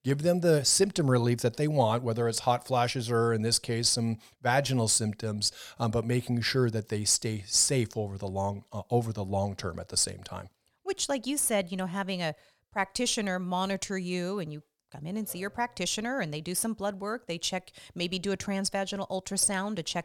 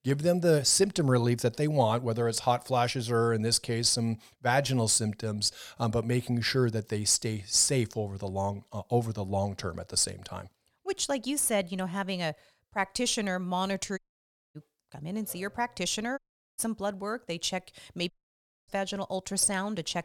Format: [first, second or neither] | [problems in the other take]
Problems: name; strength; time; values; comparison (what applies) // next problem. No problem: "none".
first | audio cutting out; at 14 s for 0.5 s, at 16 s and at 18 s for 0.5 s